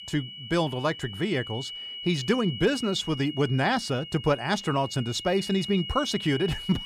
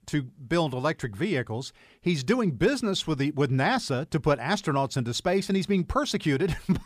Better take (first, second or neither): second